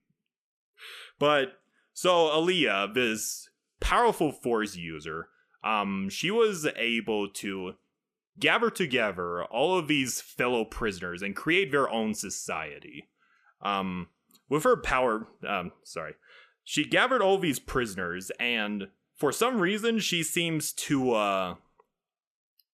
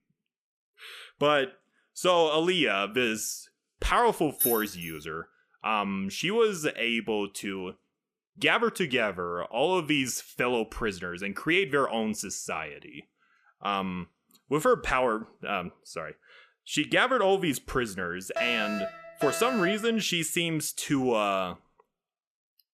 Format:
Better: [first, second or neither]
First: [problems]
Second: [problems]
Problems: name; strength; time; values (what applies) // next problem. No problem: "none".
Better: first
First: none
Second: jangling keys; loud; at 4.5 s; peak 1 dB above the speech // alarm; noticeable; from 18 to 20 s; peak 4 dB below the speech